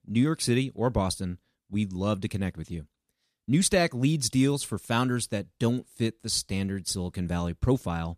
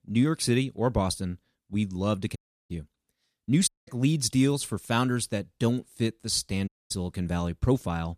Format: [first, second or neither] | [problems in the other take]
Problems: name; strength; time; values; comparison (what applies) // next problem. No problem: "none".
first | audio cutting out; at 2.5 s, at 3.5 s and at 6.5 s